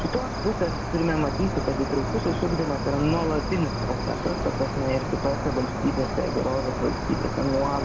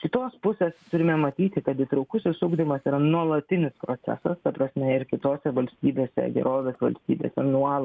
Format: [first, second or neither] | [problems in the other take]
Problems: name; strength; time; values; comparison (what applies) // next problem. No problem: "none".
second | background sound (Cricket); 1 dB below the speech